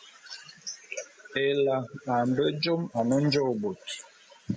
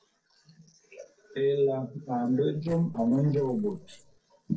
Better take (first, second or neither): first